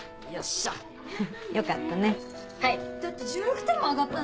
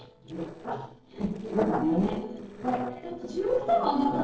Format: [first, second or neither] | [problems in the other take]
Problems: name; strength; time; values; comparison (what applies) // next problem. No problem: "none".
first | noise reduction (neural separator model SepFormer DNS4)